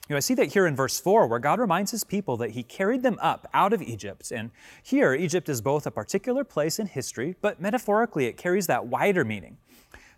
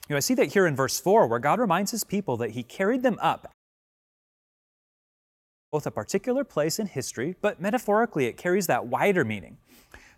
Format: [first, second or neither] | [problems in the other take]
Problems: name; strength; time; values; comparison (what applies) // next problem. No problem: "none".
first | audio cutting out; at 3.5 s for 2 s